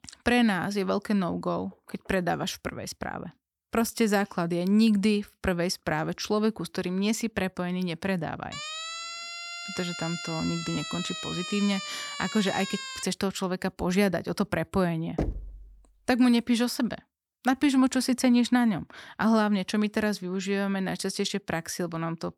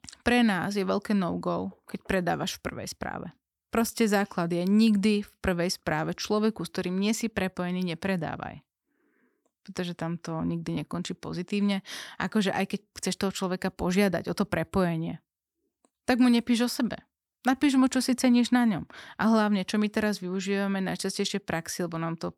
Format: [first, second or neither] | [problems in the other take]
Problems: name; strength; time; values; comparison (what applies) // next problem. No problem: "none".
second | siren; noticeable; from 8.5 to 13 s; peak 6 dB below the speech // door banging; noticeable; at 15 s; peak 5 dB below the speech